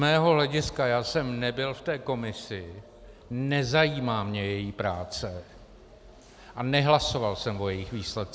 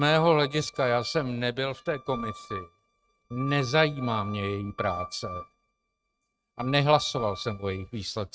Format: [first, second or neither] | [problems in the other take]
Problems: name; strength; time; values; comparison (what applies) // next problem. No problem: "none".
first | noise reduction (neural mask model RNNoise)